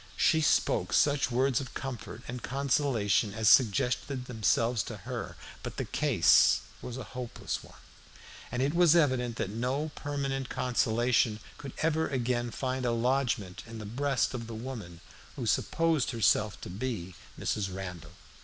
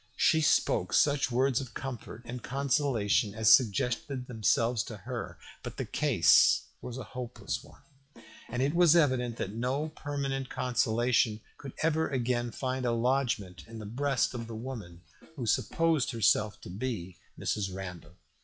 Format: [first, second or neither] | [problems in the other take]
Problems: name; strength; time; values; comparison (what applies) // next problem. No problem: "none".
first | noise reduction (classical method log-MMSE)